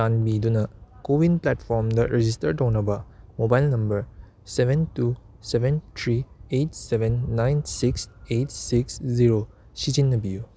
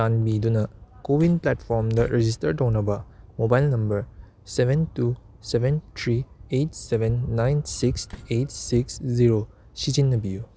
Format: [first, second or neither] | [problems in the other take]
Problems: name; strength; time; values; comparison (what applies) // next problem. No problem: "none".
first | background sound (Slam); 20 dB below the speech